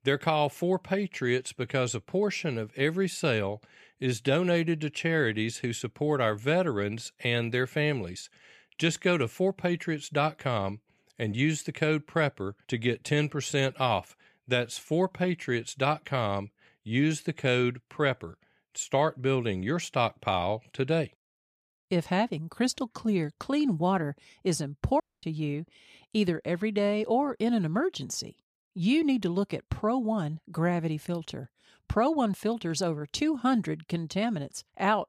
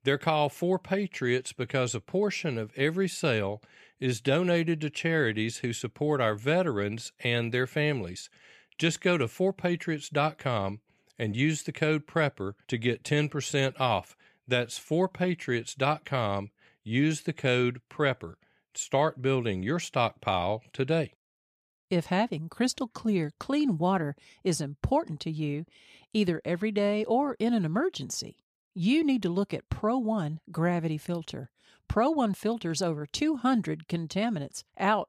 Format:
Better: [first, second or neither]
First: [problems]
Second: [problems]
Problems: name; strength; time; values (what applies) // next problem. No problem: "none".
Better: second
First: audio cutting out; at 25 s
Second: none